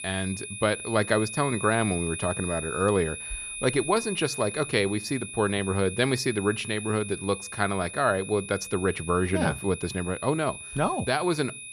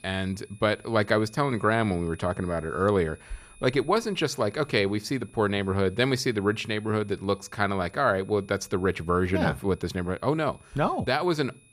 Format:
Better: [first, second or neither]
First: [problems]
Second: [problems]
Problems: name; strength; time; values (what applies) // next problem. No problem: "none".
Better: second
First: high-pitched whine; loud; throughout; 2.5 kHz, 8 dB below the speech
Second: high-pitched whine; faint; throughout; 2.5 kHz, 30 dB below the speech